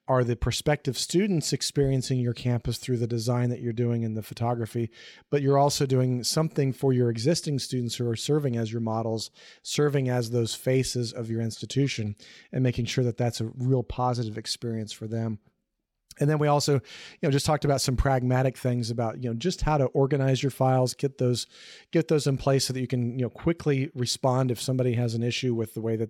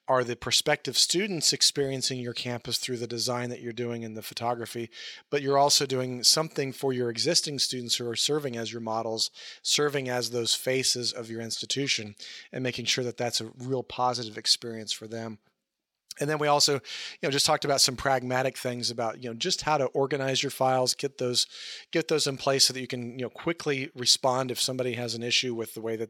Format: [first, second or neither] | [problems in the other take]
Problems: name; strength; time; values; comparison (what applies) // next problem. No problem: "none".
first | thin; somewhat; fading below 750 Hz